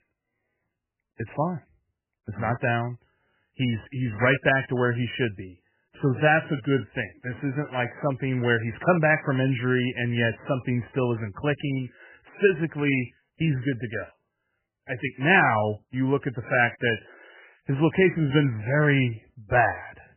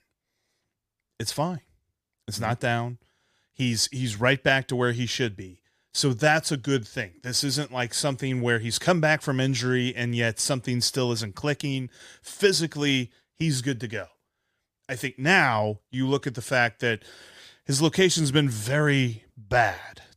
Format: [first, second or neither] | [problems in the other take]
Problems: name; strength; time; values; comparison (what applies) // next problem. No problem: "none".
second | garbled, watery; badly; nothing above 3 kHz